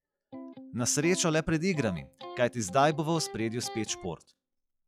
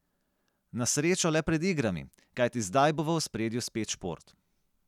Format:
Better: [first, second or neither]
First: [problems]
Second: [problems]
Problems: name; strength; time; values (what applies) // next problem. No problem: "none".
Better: second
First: noise reduction (classical method log-MMSE)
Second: none